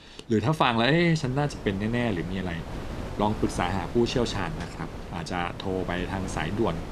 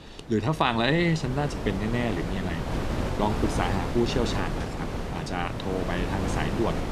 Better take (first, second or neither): first